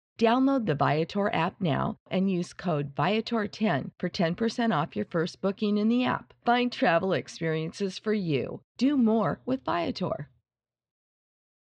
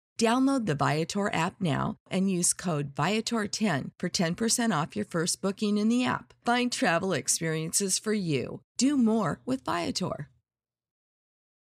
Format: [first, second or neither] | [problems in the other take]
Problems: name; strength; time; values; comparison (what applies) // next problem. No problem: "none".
second | muffled; slightly; fading above 3.5 kHz